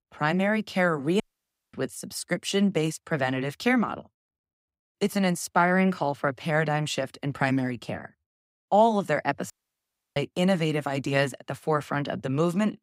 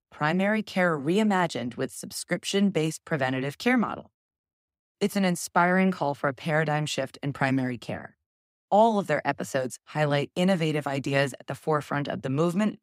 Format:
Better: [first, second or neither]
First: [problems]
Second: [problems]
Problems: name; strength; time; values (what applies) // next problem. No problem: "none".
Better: second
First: audio cutting out; at 1 s for 0.5 s and at 9.5 s for 0.5 s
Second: none